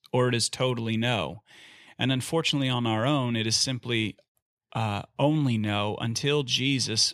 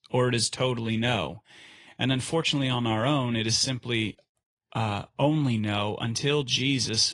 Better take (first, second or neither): first